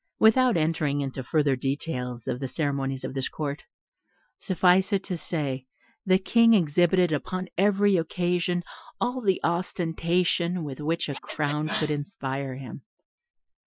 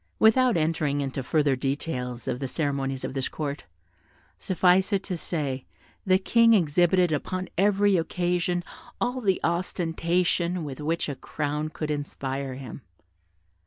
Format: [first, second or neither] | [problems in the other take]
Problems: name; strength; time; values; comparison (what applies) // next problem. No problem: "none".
second | noise reduction (classical method Wiener filter)